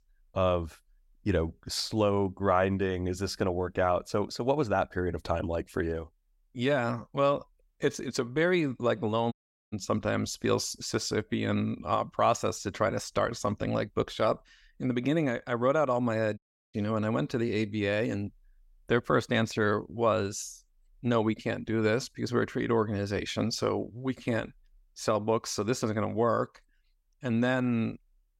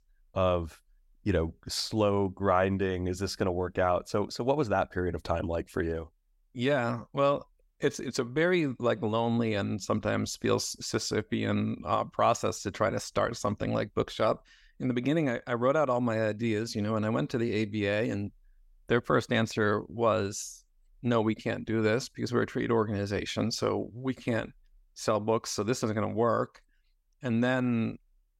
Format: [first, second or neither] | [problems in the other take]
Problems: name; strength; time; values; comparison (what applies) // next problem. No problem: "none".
second | audio cutting out; at 9.5 s and at 16 s